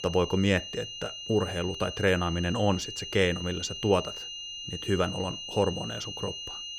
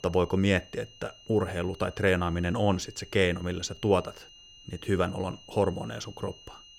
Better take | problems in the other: second | high-pitched whine; loud; throughout; 3 kHz, 8 dB below the speech; faint in the second

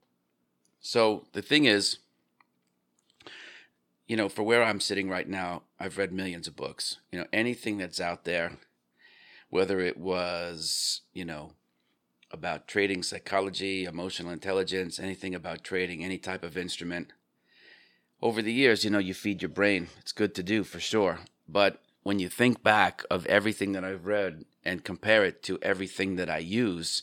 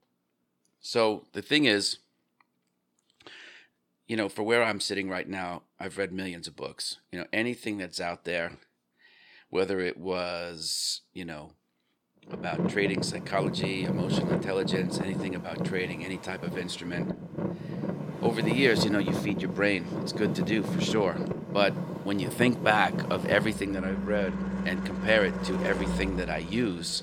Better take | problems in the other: first | traffic noise; loud; from 12 s on; 3 dB below the speech

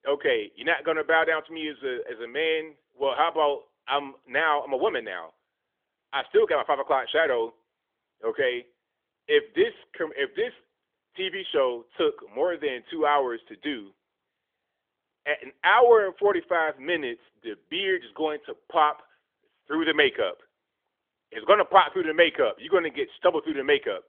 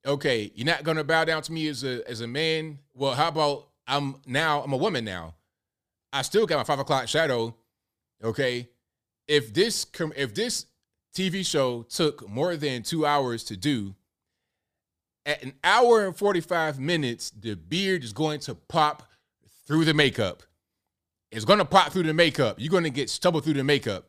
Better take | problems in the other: second | phone-call audio; nothing above 3.5 kHz

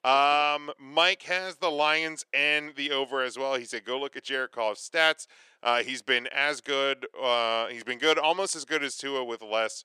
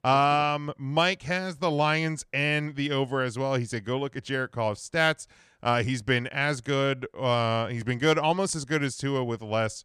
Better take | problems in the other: second | thin; somewhat; fading below 350 Hz

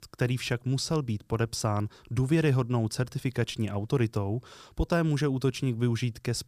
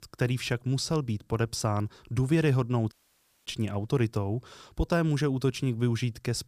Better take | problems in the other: first | audio cutting out; at 3 s for 0.5 s

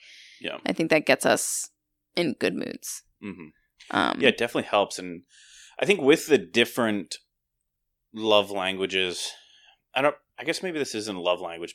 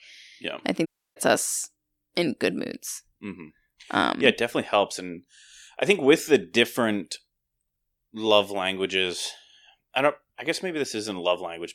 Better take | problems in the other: first | audio cutting out; at 1 s

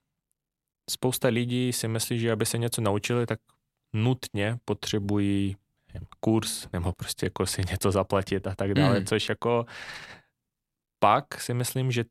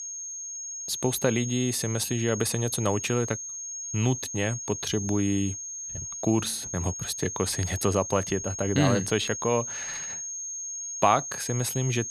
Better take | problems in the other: first | high-pitched whine; loud; throughout; 6.5 kHz, 6 dB below the speech

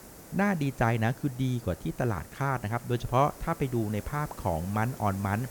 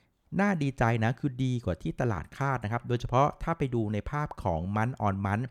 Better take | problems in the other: second | hiss; noticeable; throughout; 15 dB below the speech

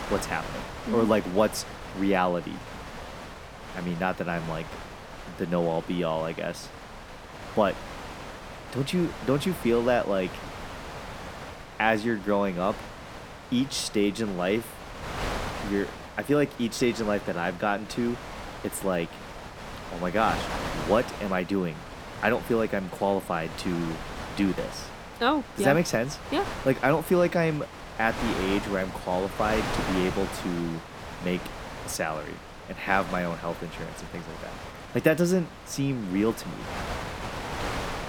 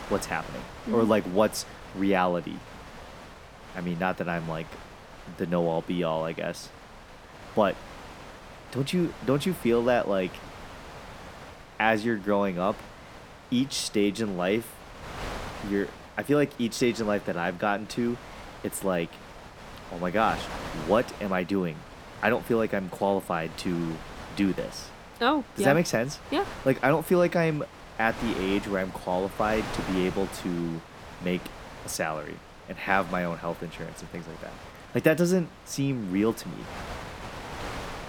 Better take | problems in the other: second | wind noise on the microphone; heavy; 9 dB below the speech; occasional gusts in the second

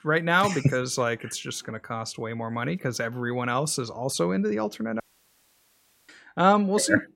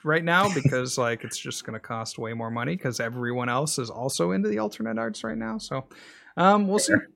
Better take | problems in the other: second | audio cutting out; at 5 s for 1 s

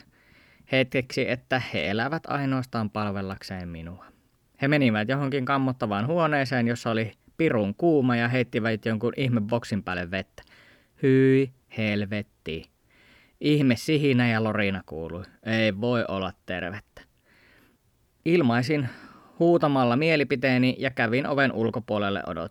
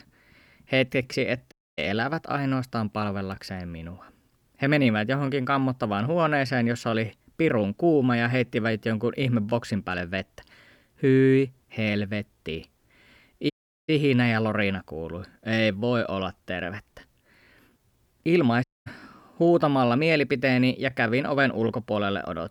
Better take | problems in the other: first | audio cutting out; at 1.5 s, at 14 s and at 19 s

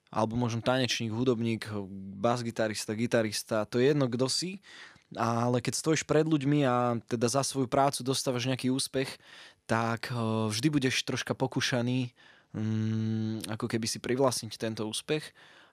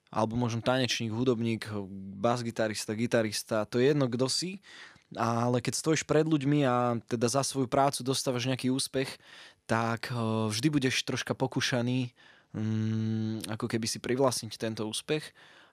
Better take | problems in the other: neither | none

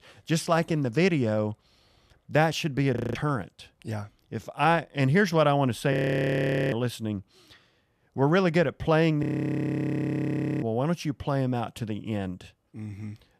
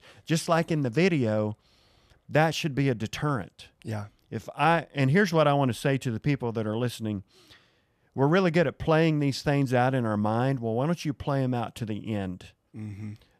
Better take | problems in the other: second | audio freezing; at 3 s, at 6 s for 1 s and at 9 s for 1.5 s

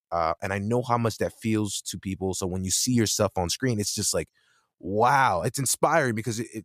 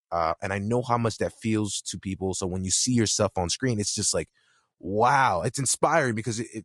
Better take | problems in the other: first | garbled, watery; slightly; nothing above 10.5 kHz

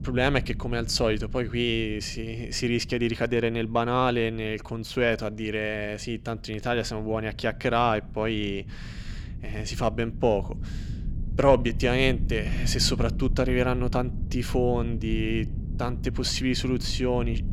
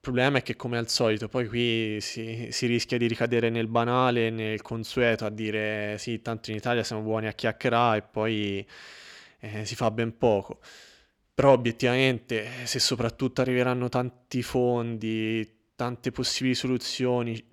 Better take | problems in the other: second | low rumble; noticeable; throughout; 20 dB below the speech

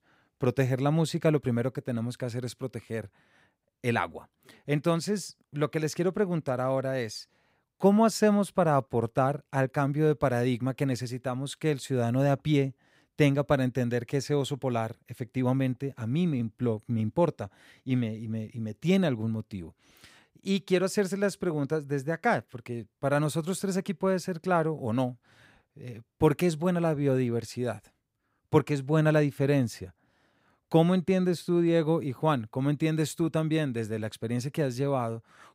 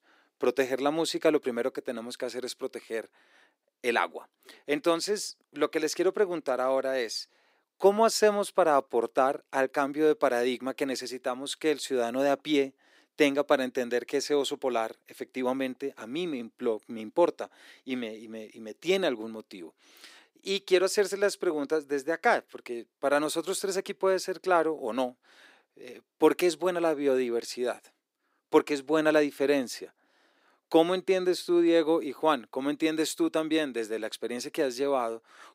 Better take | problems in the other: first | thin; somewhat; fading below 300 Hz

